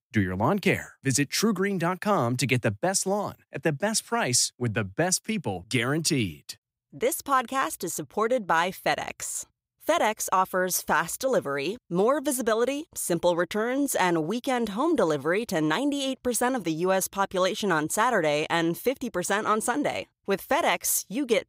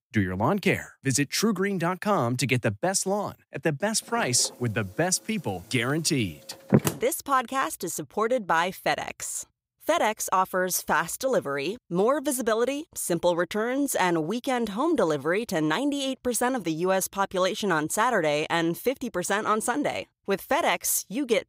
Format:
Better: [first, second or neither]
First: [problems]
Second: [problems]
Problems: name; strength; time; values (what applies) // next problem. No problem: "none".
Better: first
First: none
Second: door banging; loud; from 4 to 7 s; peak 2 dB above the speech